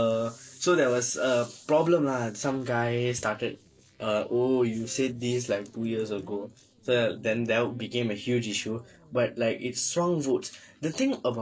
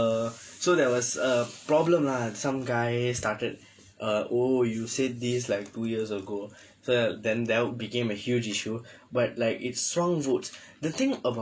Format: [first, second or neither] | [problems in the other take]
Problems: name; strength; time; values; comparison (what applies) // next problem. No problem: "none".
second | noise reduction (neural separator model SepFormer DNS4)